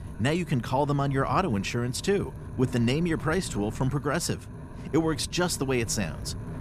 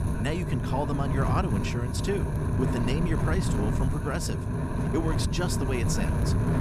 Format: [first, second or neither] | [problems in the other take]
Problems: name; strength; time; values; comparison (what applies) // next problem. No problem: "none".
first | wind noise on the microphone; heavy; 2 dB below the speech; occasional gusts in the first